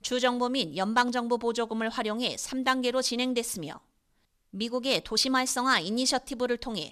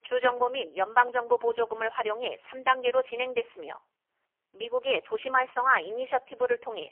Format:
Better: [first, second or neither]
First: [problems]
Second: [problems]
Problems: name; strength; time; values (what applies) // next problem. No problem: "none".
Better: first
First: none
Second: phone-call audio; poor line; nothing above 3 kHz